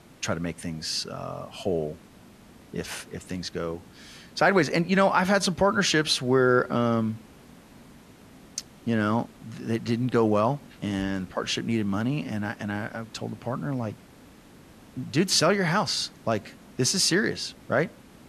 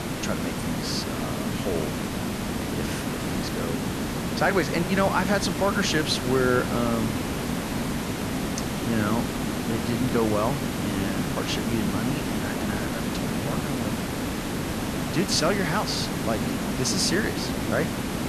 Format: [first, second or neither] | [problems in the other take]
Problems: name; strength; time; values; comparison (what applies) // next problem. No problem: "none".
first | hiss; loud; throughout; 1 dB below the speech; faint in the first